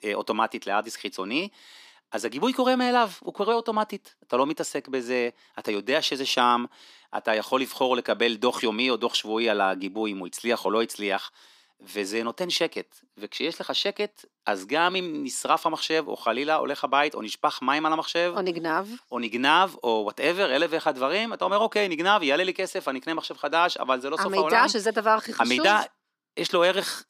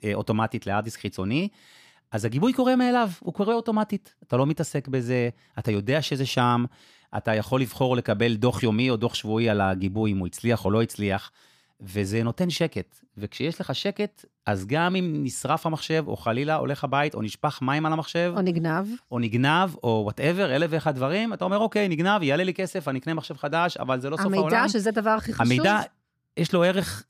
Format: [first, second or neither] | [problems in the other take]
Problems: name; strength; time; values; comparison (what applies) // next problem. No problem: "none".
second | thin; somewhat; fading below 250 Hz